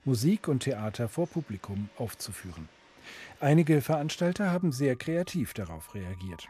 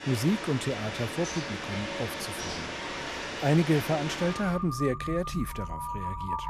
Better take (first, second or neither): first